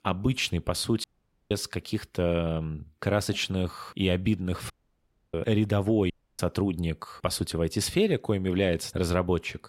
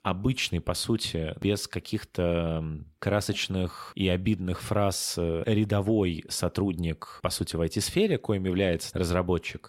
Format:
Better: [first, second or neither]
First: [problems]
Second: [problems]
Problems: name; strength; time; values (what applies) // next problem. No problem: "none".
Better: second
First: audio cutting out; at 1 s, at 4.5 s for 0.5 s and at 6 s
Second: none